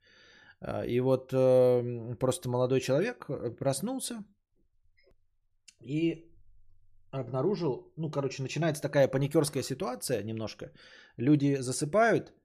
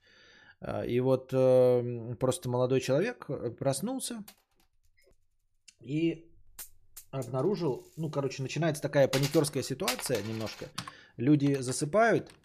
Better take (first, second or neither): first